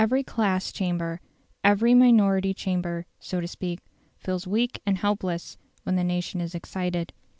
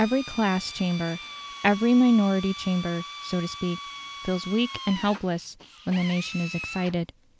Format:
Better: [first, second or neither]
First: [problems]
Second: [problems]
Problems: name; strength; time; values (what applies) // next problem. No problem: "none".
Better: first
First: none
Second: background sound (Drill); 13 dB below the speech